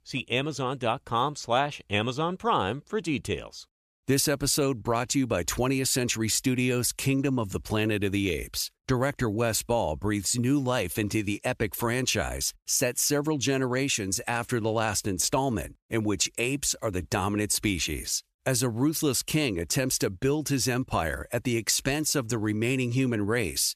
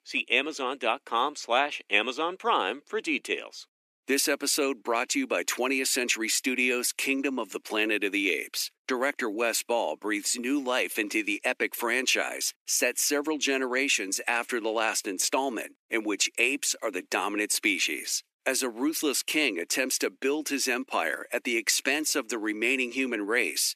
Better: first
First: none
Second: thin; very slightly; fading below 250 Hz

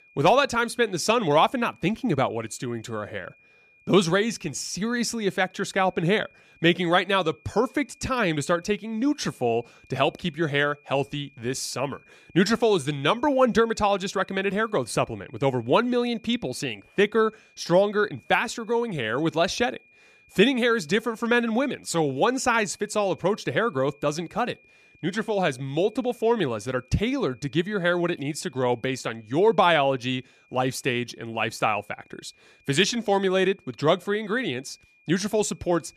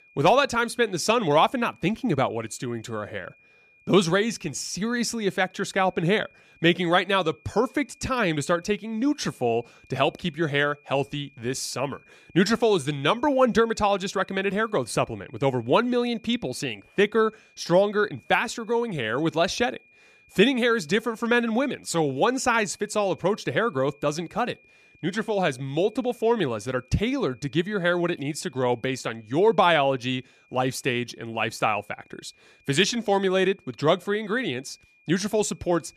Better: neither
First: high-pitched whine; faint; throughout; 2.5 kHz, 30 dB below the speech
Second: high-pitched whine; faint; throughout; 2.5 kHz, 30 dB below the speech

